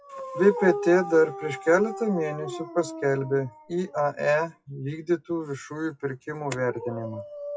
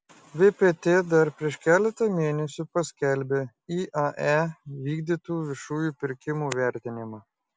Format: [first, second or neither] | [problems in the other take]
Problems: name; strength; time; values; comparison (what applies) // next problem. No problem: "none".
second | noise reduction (classical method WPE with log-MMSE)